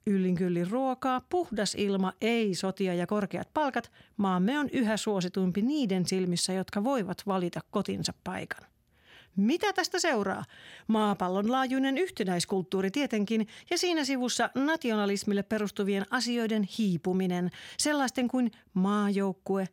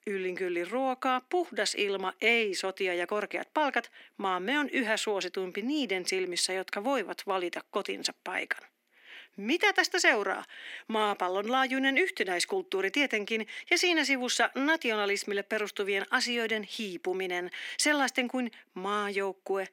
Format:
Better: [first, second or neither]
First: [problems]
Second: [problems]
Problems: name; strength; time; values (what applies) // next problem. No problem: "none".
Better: first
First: none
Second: thin; somewhat; fading below 250 Hz